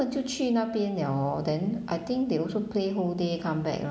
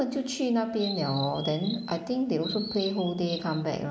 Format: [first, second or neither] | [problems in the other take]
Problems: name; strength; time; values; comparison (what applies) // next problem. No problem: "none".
first | noise reduction (neural mask model Resemble Enhance denoiser)